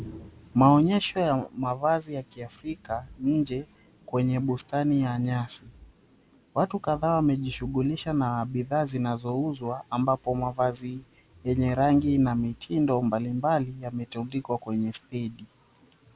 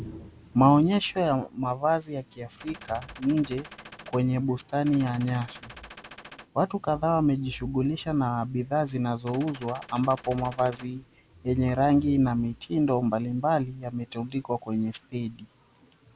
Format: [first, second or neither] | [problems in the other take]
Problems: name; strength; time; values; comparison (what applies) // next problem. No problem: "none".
first | background sound (Gunshot, gunfire); 19 dB below the speech